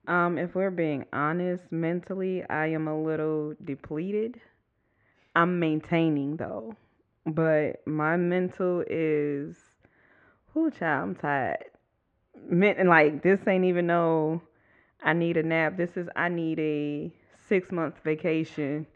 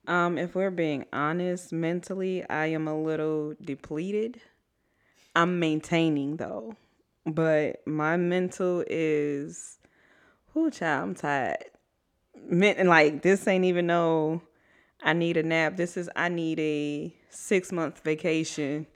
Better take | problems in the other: second | muffled; very; fading above 2 kHz

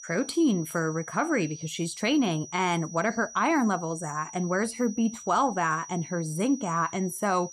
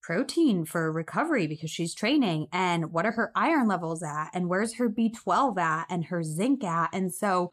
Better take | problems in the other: second | high-pitched whine; noticeable; throughout; 6 kHz, 15 dB below the speech

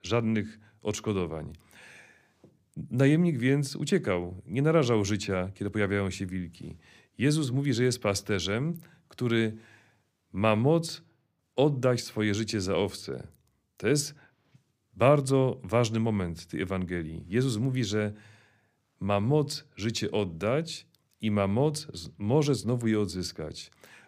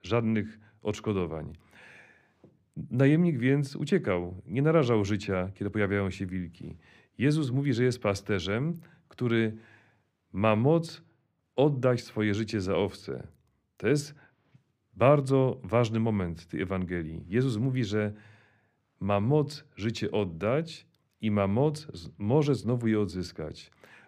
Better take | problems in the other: first | muffled; very slightly; fading above 4 kHz

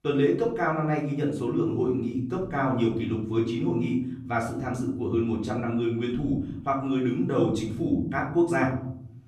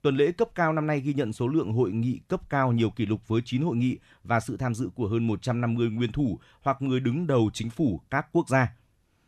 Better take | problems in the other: second | off-mic speech; far // room echo; slight; dies away in 0.7 s

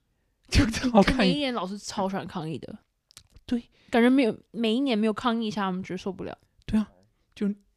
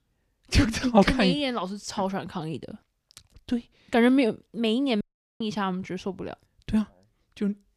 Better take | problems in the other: first | audio cutting out; at 5 s

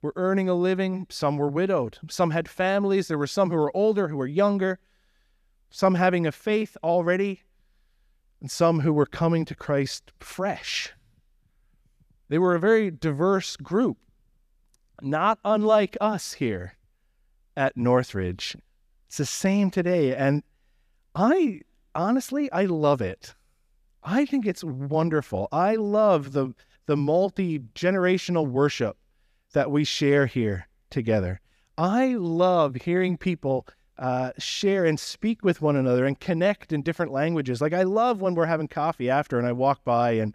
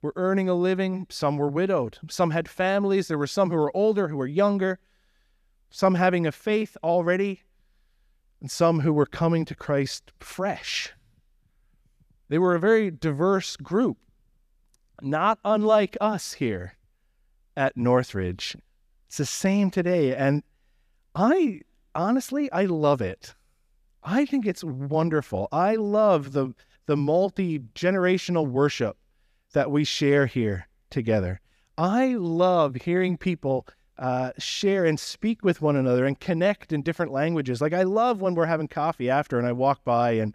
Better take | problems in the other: neither | none

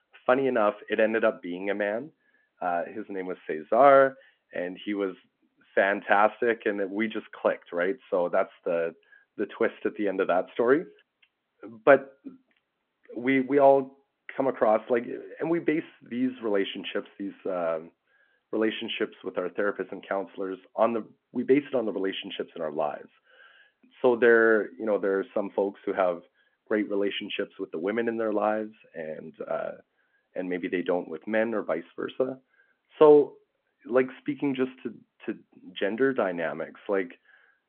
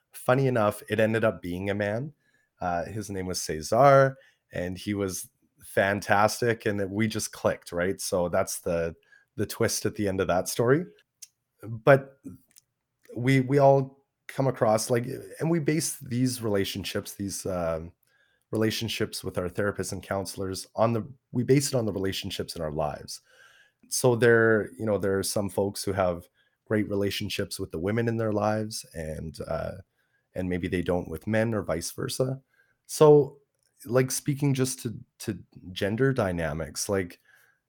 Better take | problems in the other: second | phone-call audio

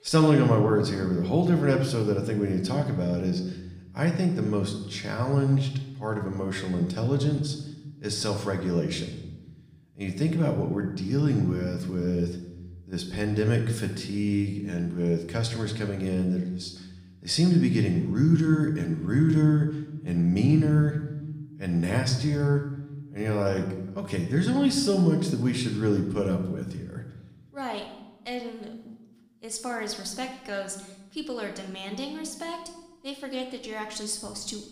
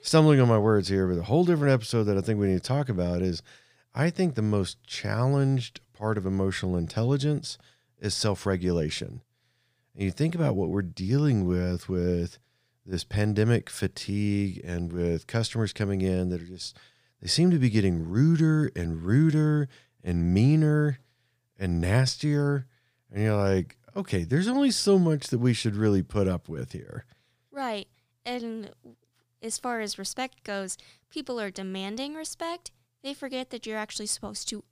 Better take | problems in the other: second | room echo; slight; dies away in 0.9 s // off-mic speech; somewhat distant

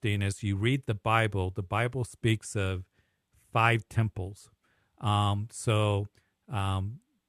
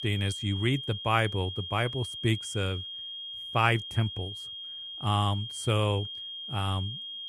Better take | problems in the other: first | high-pitched whine; loud; throughout; 3 kHz, 7 dB below the speech

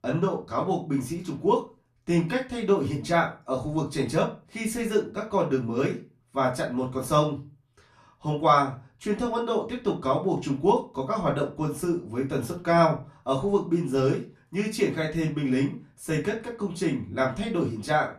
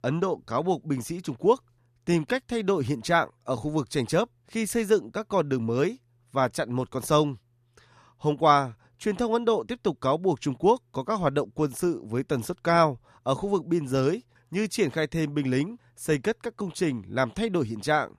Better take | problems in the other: second | off-mic speech; far // room echo; very slight; dies away in 0.3 s

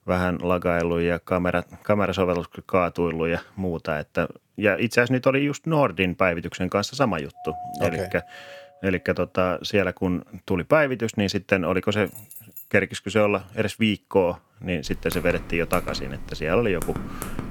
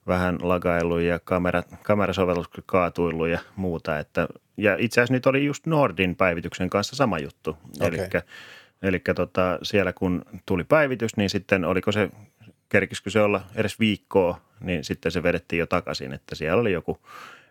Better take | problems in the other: second | doorbell; faint; from 7.5 to 9 s; peak 10 dB below the speech // jangling keys; faint; at 12 s; peak 15 dB below the speech // keyboard typing; noticeable; from 15 s on; peak 9 dB below the speech

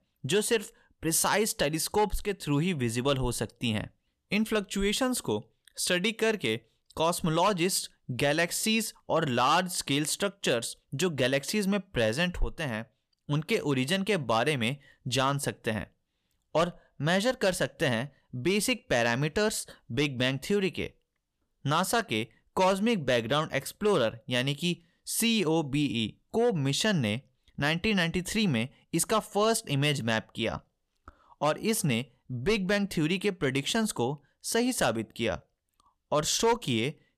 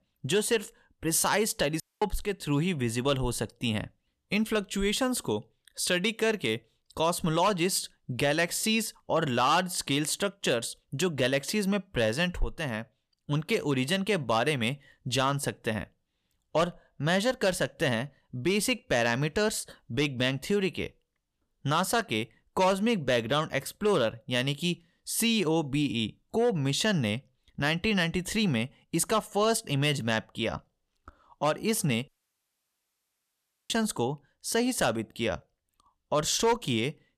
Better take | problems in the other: first | audio cutting out; at 2 s and at 32 s for 1.5 s

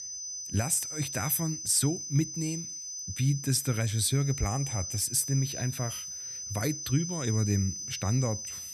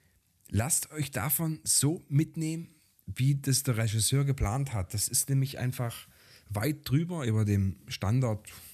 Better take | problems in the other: second | high-pitched whine; loud; throughout; 6 kHz, 6 dB below the speech

